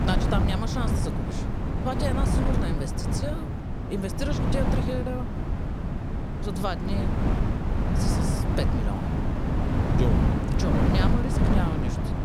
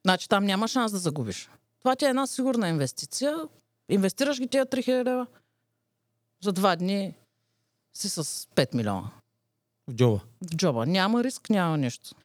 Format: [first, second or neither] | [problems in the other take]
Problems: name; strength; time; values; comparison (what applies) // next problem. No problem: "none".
second | wind noise on the microphone; heavy; 1 dB above the speech